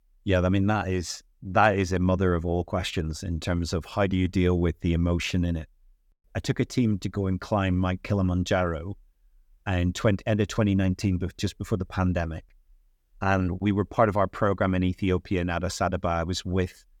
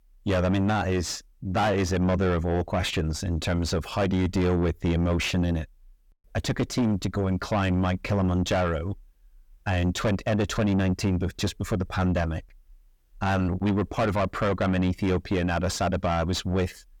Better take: first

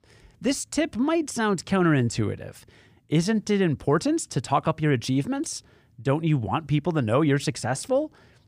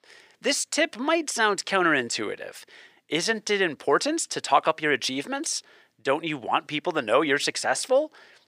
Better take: first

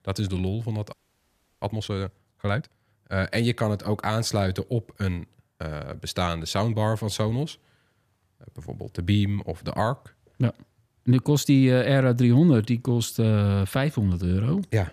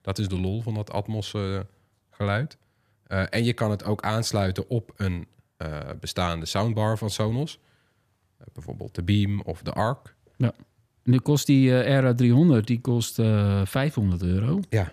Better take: second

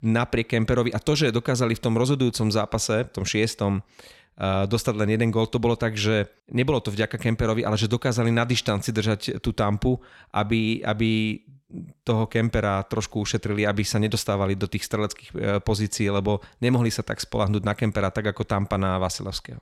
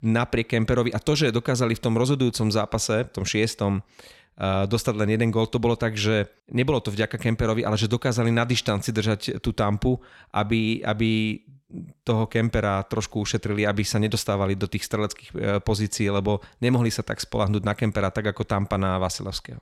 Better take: neither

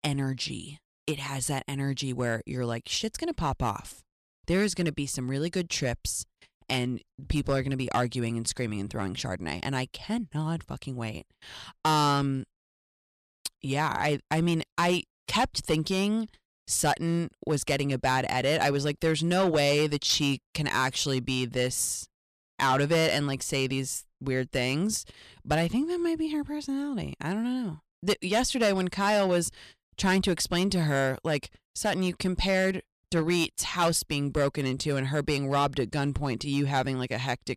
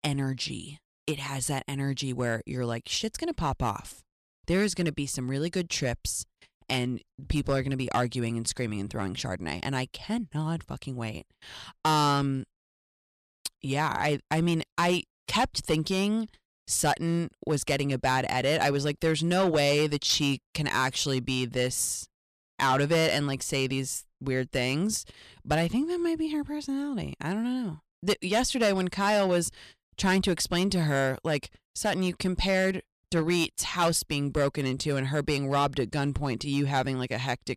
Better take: neither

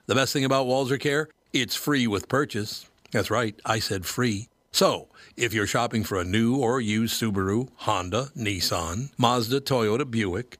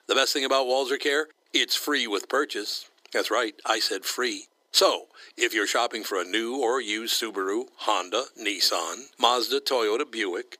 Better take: first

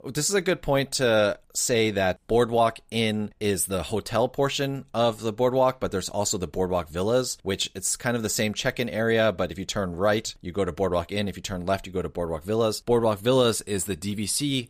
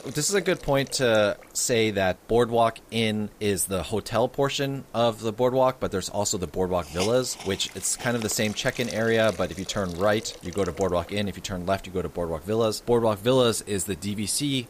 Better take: first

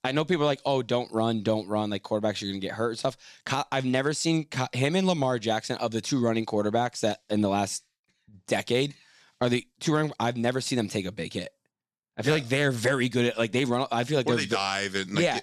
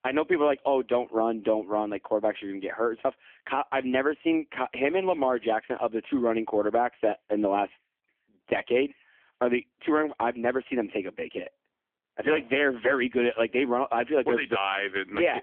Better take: first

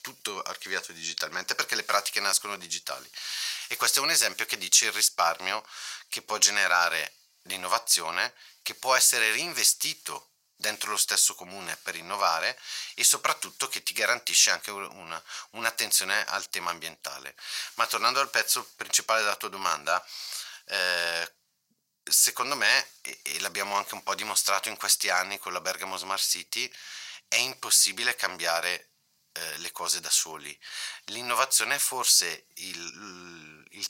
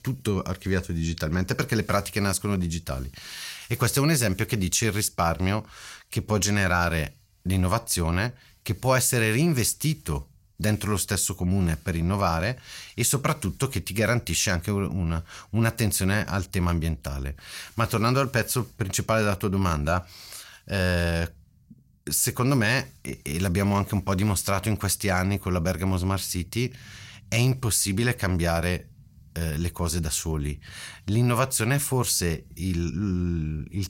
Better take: second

